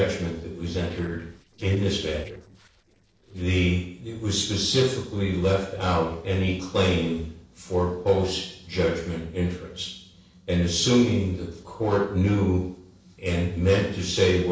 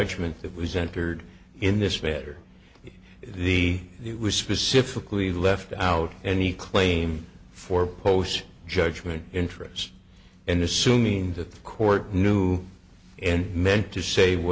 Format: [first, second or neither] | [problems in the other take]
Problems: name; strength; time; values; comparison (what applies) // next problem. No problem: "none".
second | noise reduction (neural separator model SepFormer DNS4)